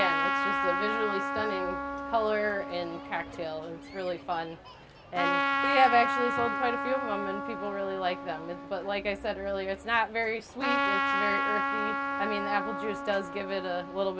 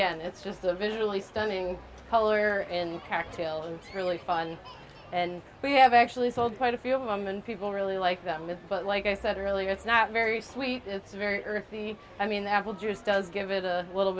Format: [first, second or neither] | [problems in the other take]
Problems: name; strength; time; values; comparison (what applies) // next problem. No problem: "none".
second | background sound (Trumpet); 1 dB below the speech